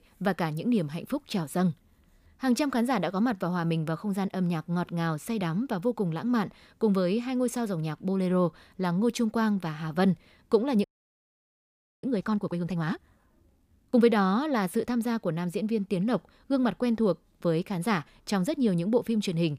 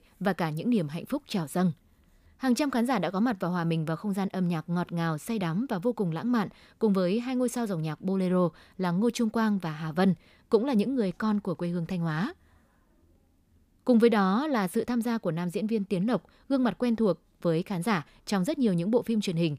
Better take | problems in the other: second | audio freezing; at 11 s for 1 s

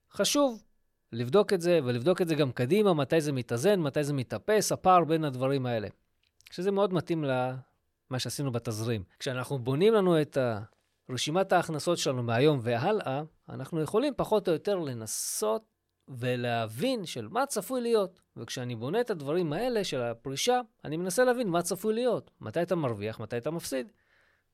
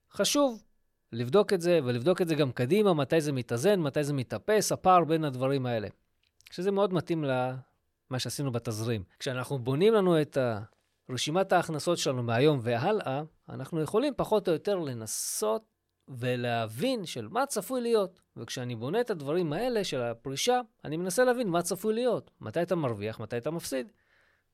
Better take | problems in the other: neither | none

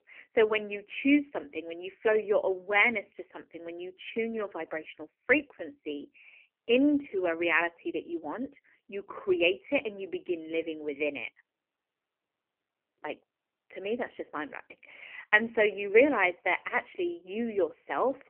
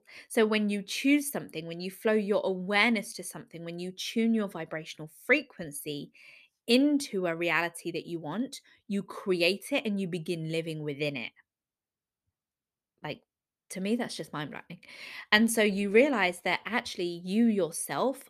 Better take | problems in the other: second | phone-call audio; poor line; nothing above 3 kHz

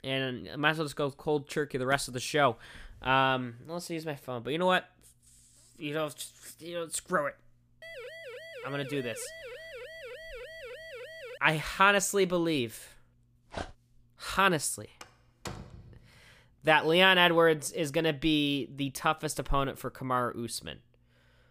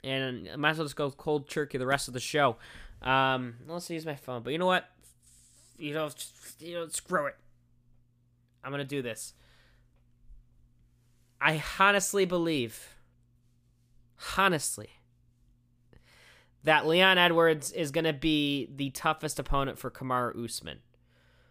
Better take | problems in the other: second | siren; faint; from 8 to 11 s; peak 15 dB below the speech // dog barking; faint; at 14 s; peak 15 dB below the speech // door banging; faint; at 15 s; peak 15 dB below the speech

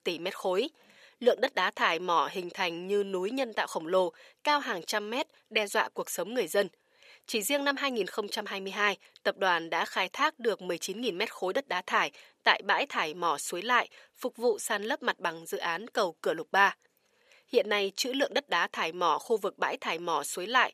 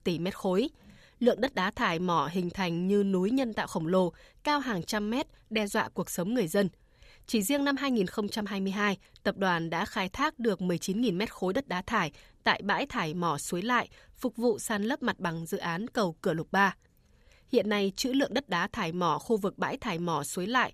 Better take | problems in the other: second | thin; somewhat; fading below 500 Hz

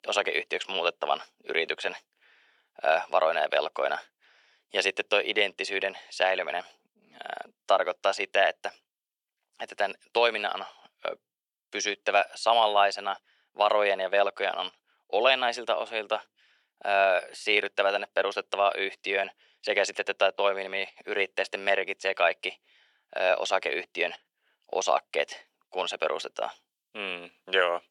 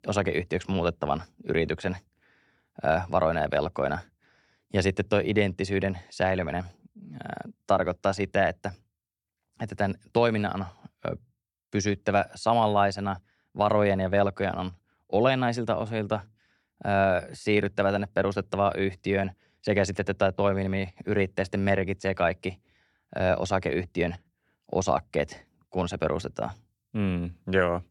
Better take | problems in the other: second | thin; very; fading below 500 Hz

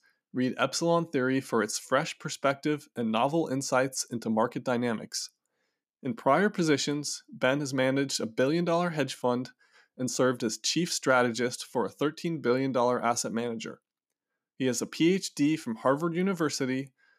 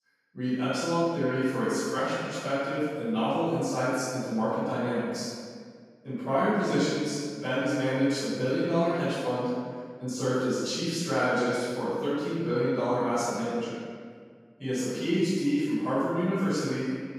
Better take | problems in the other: first | room echo; strong; dies away in 1.7 s // off-mic speech; far

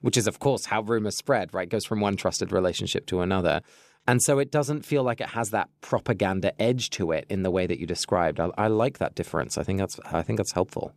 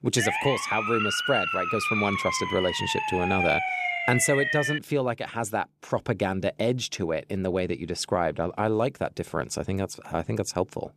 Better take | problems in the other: first | siren; loud; until 5 s; peak 3 dB above the speech

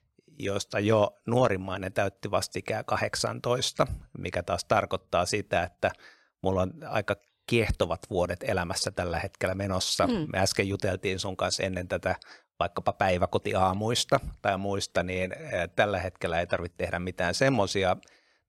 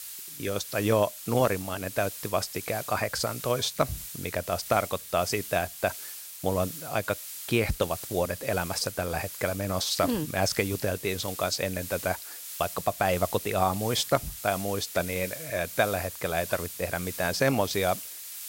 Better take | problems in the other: first | hiss; loud; throughout; 9 dB below the speech

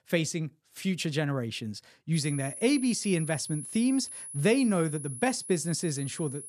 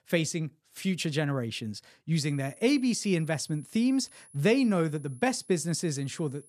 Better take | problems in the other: second | high-pitched whine; loud; from 2 s on; 10.5 kHz, 10 dB below the speech; faint in the second

